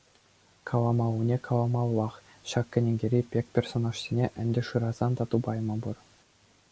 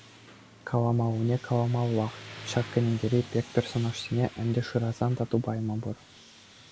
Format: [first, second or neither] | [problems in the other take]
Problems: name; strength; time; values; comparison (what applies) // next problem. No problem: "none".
first | background sound (Motorcycle + Tools); 19 dB below the speech